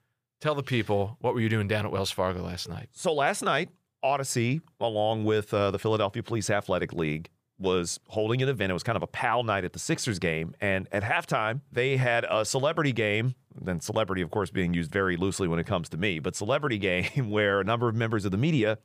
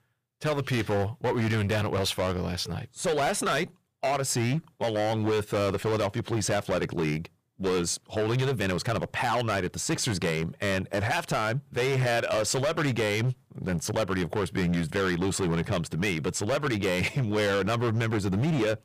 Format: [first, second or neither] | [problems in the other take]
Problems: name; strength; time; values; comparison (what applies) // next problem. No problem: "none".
first | distortion; heavy; 19% of the sound clipped